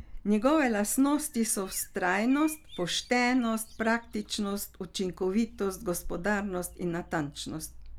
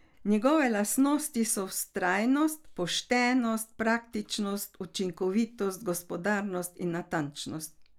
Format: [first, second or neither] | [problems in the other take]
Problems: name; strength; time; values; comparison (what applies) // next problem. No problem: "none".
second | background sound (Bird vocalization, bird call, bird song); 17 dB below the speech